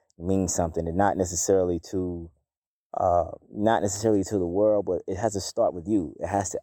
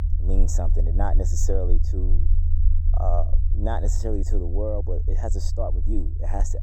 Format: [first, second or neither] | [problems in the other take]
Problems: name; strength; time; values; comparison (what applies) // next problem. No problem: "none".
first | low rumble; noticeable; throughout; 10 dB below the speech